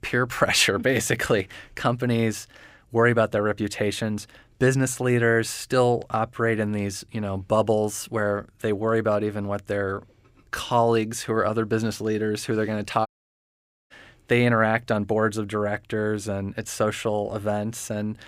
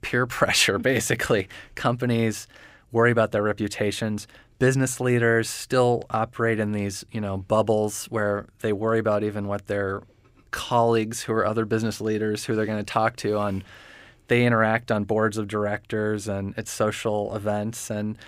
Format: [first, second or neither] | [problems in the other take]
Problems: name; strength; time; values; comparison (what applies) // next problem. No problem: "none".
second | audio cutting out; at 13 s for 1 s